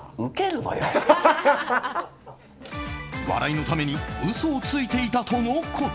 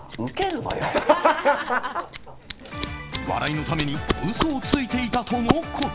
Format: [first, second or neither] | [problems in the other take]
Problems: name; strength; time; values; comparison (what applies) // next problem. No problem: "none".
first | background sound (Scissors); 7 dB below the speech